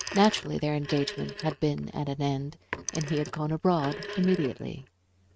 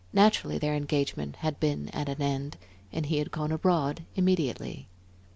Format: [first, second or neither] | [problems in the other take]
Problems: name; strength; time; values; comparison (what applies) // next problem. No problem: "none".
second | noise reduction (neural mask model RNNoise)